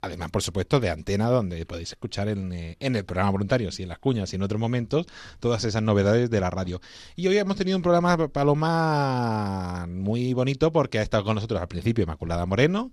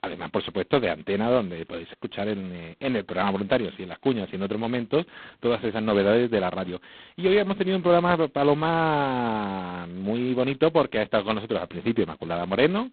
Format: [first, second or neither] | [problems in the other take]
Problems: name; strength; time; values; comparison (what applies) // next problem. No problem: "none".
first | phone-call audio; poor line; nothing above 4 kHz